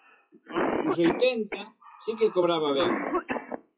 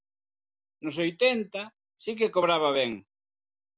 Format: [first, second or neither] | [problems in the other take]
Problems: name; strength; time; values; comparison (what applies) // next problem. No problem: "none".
second | noise reduction (classical method WPE with log-MMSE)